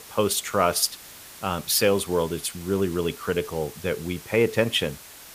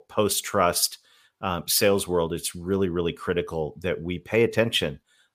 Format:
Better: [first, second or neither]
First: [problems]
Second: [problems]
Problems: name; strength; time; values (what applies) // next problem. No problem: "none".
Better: second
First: hiss; noticeable; throughout; 15 dB below the speech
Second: none